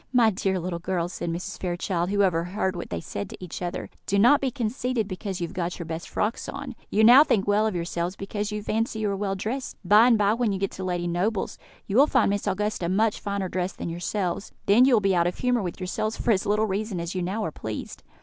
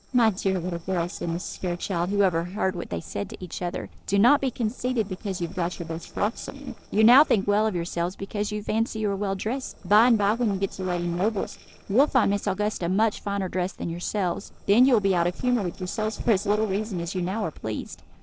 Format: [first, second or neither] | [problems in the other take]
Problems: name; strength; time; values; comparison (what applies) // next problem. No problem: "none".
first | noise reduction (neural separator model SepFormer DNS4)